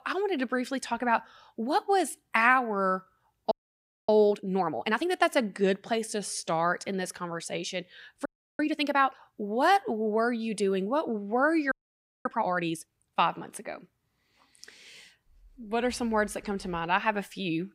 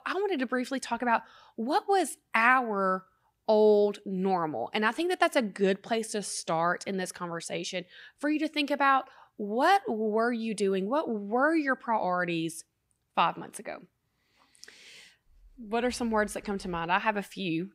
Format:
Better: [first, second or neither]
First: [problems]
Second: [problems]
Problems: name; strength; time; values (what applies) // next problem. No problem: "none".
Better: second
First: audio freezing; at 3.5 s for 0.5 s, at 8.5 s and at 12 s for 0.5 s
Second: none